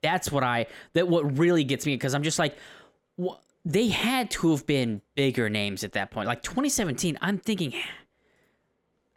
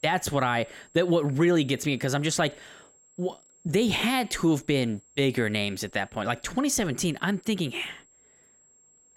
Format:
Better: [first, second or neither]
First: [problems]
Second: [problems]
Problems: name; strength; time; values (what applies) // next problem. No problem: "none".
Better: first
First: none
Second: high-pitched whine; faint; throughout; 7.5 kHz, 30 dB below the speech